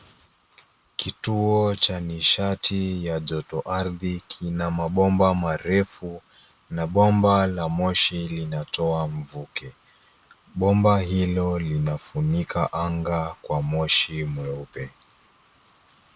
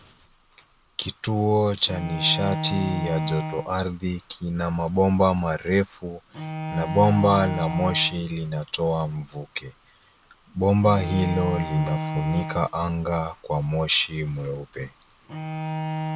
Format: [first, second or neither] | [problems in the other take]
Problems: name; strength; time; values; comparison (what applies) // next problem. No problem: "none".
first | background sound (Bowed string instrument); 8 dB below the speech